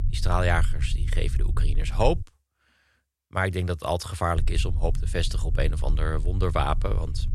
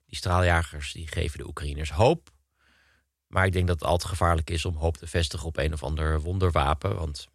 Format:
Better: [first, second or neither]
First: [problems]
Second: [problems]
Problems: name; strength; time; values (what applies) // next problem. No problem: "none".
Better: second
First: low rumble; noticeable; until 2 s and from 4.5 s on; 20 dB below the speech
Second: none